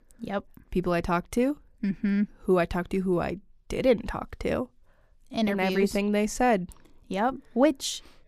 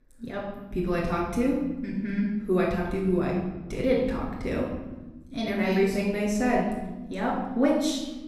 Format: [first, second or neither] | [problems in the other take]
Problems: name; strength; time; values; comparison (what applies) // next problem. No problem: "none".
first | off-mic speech; far // room echo; noticeable; dies away in 1.2 s